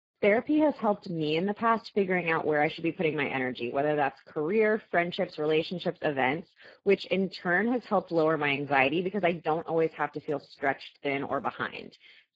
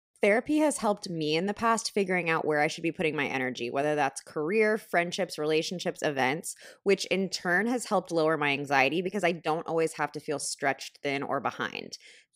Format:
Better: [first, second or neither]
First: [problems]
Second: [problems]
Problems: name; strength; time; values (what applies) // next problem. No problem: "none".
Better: second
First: garbled, watery; badly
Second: none